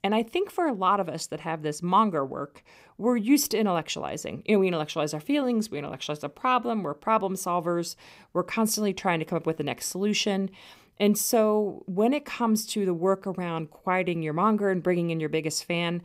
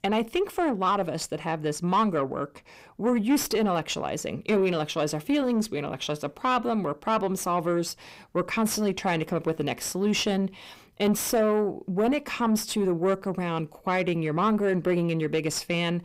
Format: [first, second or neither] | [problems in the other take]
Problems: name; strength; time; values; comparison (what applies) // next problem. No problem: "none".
first | distortion; slight; 10 dB below the speech